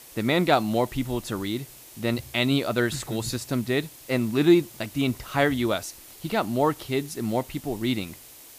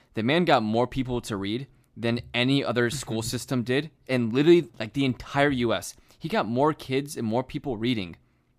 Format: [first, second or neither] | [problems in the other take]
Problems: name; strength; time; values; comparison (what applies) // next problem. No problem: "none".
second | hiss; noticeable; throughout; 20 dB below the speech